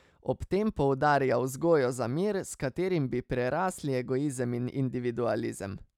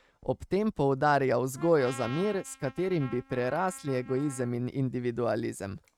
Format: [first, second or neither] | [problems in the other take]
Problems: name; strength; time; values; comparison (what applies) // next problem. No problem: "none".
first | noise reduction (neural mask model RNNoise)